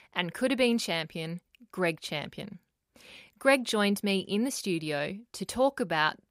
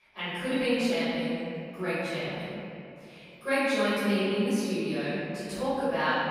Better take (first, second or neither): first